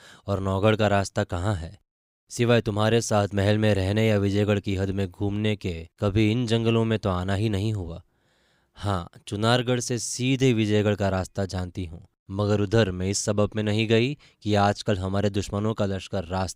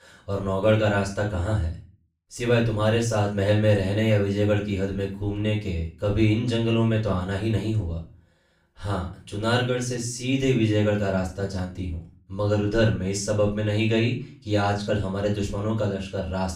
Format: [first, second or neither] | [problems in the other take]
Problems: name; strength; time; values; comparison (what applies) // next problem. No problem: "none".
first | off-mic speech; far // room echo; slight; dies away in 0.3 s